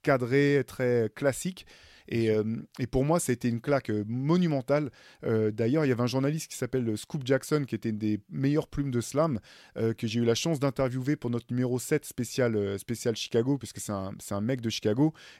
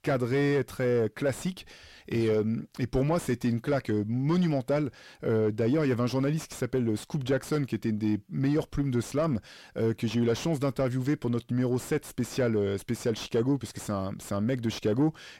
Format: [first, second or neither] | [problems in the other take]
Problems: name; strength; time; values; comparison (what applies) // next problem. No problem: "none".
first | distortion; slight; 10 dB below the speech